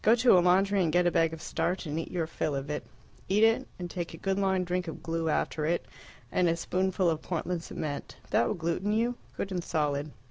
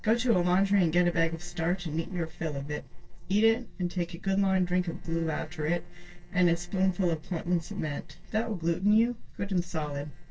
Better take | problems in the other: first | noise reduction (neural separator model SepFormer DNS4)

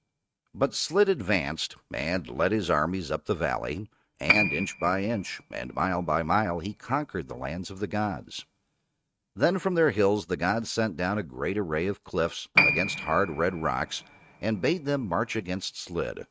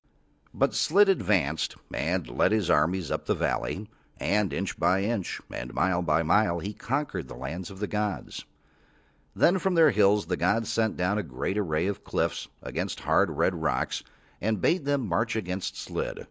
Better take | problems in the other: second | noise reduction (neural mask model RNNoise)

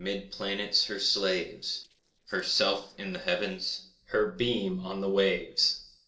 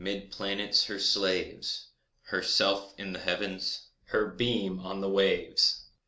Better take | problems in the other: second | noise reduction (neural separator model SepFormer DNS4)

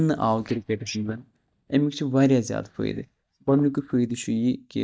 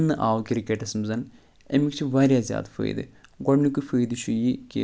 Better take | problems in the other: second | noise reduction (neural mask model DeepFilterNet 3)

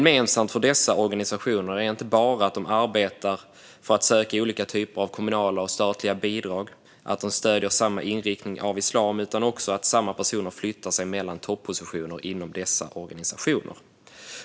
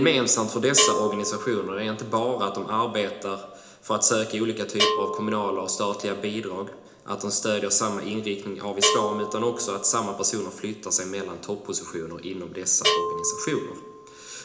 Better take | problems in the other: first | background sound (Bell); 6 dB below the speech // room echo; dies away in 0.8 s

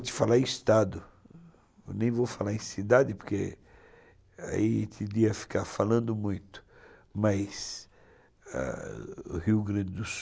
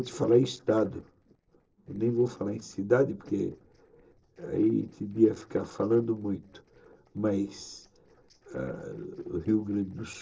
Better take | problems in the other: first | noise reduction (neural separator model SepFormer DNS4)

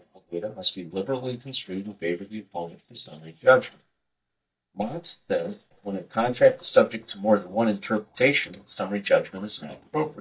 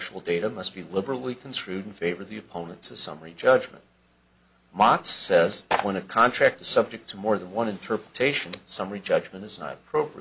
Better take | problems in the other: second | noise reduction (neural mask model DeepFilterNet 3)

